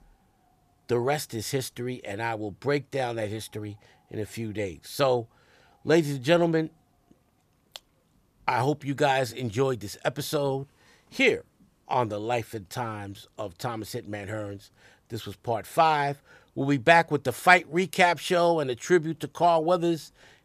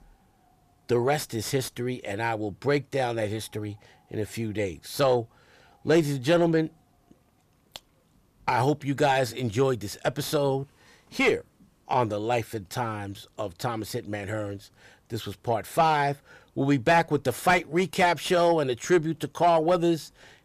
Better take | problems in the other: first | distortion; slight; 10 dB below the speech

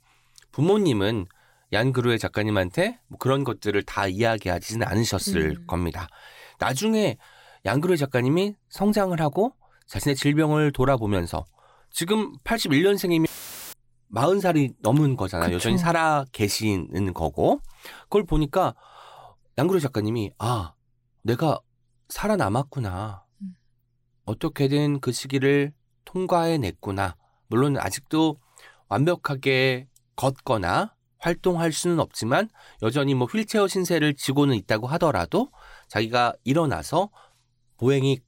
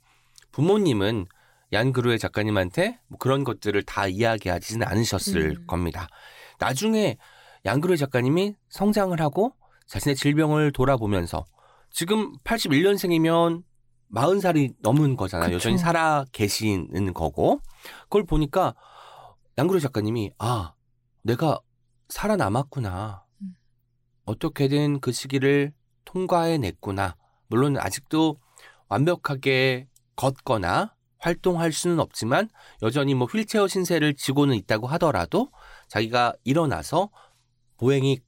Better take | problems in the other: second | audio cutting out; filled with static; at 13 s

